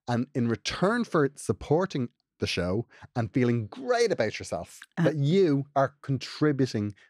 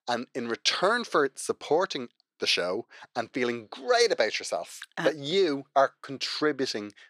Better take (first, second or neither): first